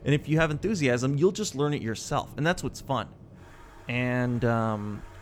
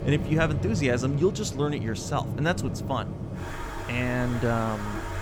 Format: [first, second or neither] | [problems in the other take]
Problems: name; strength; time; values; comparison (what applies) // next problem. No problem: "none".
first | rain or running water; loud; throughout; 6 dB below the speech; faint in the first